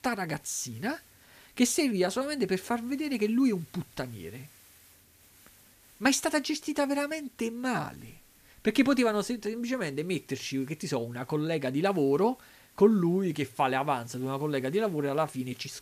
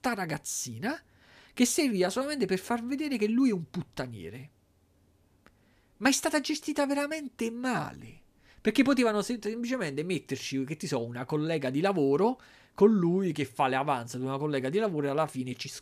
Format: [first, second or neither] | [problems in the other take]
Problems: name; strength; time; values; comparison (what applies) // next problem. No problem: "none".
second | hiss; faint; throughout; 25 dB below the speech